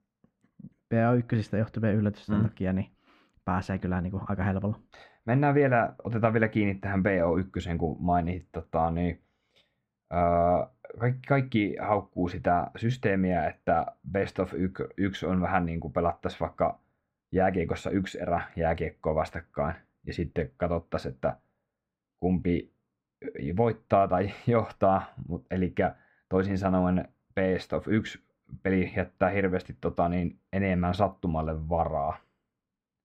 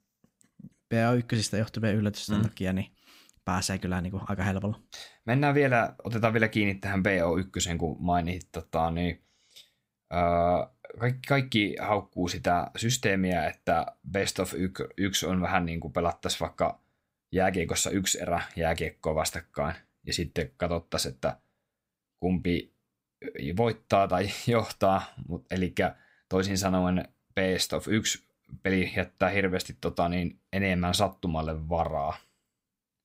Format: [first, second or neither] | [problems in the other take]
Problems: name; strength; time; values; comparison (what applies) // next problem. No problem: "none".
second | muffled; very; fading above 3.5 kHz